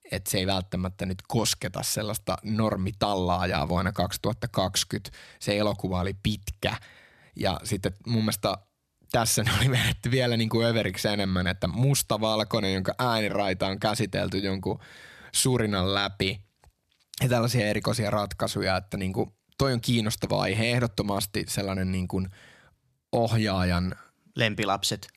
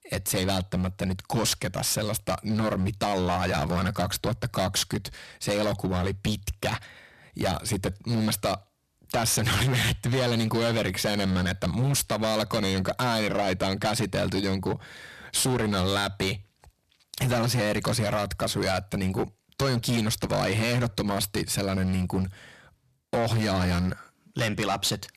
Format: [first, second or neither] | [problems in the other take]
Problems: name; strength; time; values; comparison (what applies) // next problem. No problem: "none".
first | distortion; heavy; 15% of the sound clipped